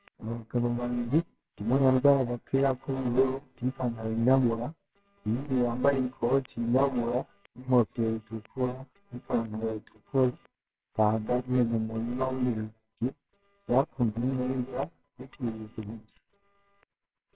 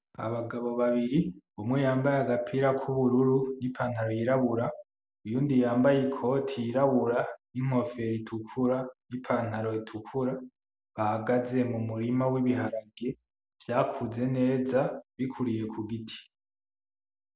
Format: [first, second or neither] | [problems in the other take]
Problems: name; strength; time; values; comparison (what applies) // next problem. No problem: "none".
second | noise reduction (neural separator model SepFormer WHAMR!)